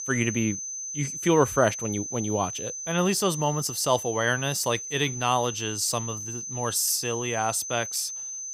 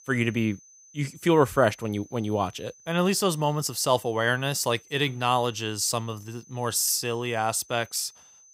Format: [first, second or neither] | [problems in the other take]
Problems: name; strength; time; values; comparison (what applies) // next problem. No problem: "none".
second | high-pitched whine; loud; throughout; 6 kHz, 6 dB below the speech; faint in the second